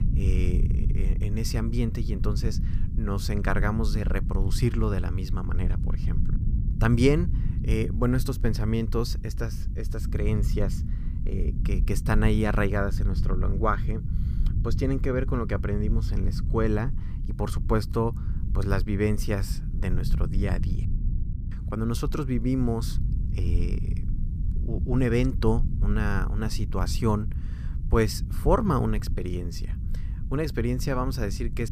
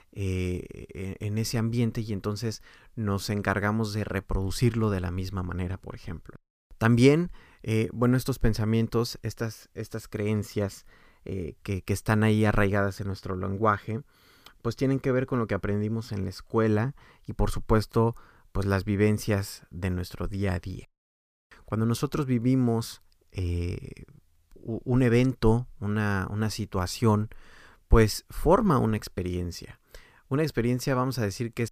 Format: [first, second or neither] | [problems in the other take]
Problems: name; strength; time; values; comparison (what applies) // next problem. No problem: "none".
second | low rumble; noticeable; throughout; 15 dB below the speech